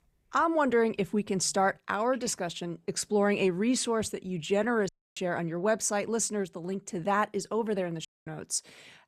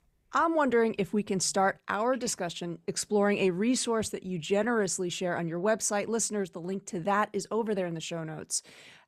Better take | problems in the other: second | audio cutting out; at 5 s and at 8 s

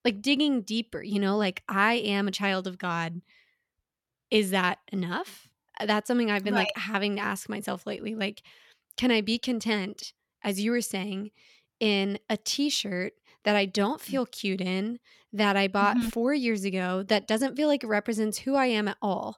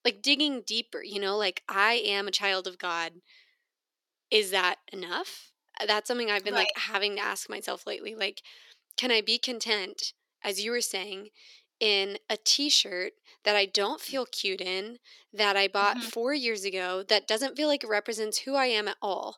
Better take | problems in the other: first | thin; somewhat; fading below 350 Hz

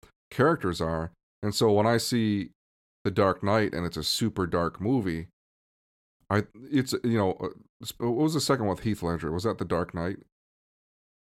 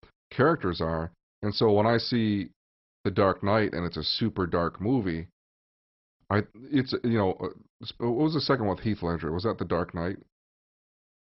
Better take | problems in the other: first | garbled, watery; badly; nothing above 5 kHz

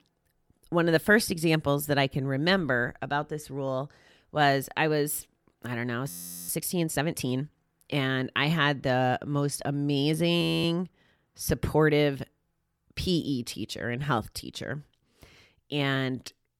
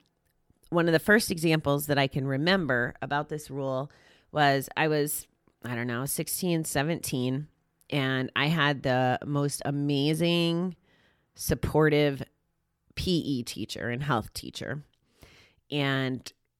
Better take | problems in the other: second | audio freezing; at 6 s and at 10 s

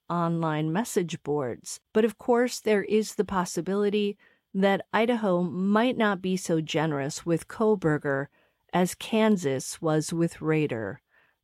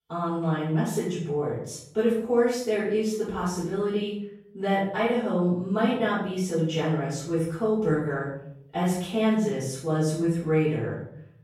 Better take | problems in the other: first | off-mic speech; far // room echo; noticeable; dies away in 0.7 s

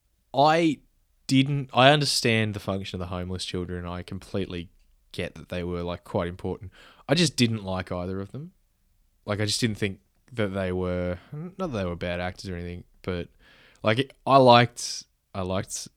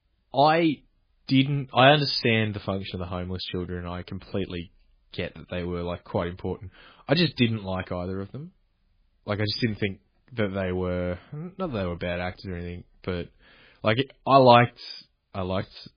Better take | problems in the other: first | garbled, watery; badly; nothing above 5 kHz

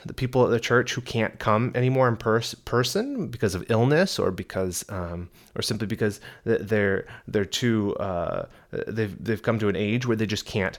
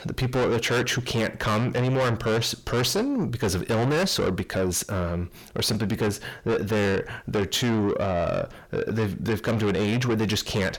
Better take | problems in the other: first | distortion; heavy; 6 dB below the speech

